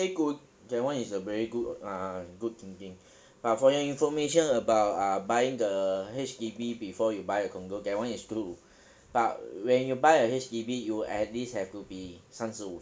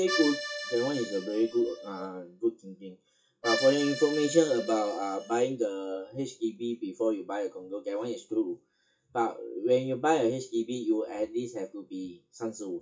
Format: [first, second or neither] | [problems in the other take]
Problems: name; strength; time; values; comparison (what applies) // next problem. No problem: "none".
first | noise reduction (classical method WPE with log-MMSE)